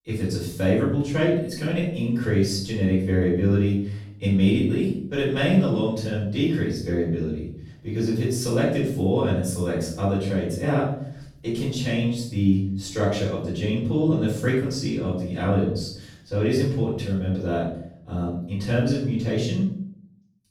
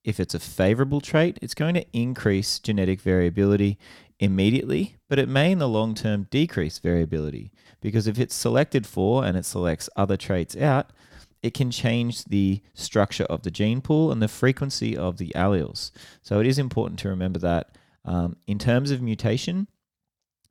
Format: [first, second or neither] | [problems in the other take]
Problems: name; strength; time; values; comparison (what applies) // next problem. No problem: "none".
second | room echo; noticeable; dies away in 0.6 s // off-mic speech; far